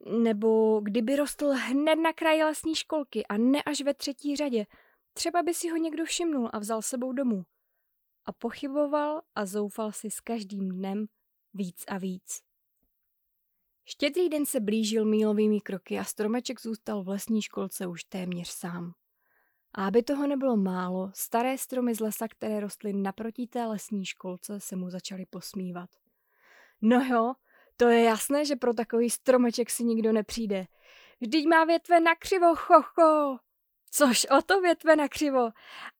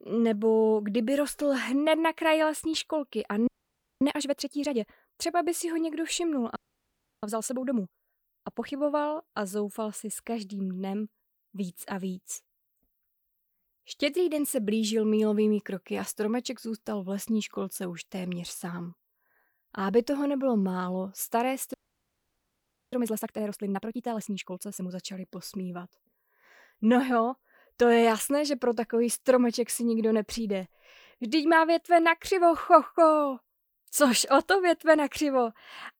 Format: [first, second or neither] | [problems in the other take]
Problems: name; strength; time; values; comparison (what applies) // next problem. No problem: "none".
first | audio freezing; at 3.5 s for 0.5 s, at 6.5 s for 0.5 s and at 22 s for 1 s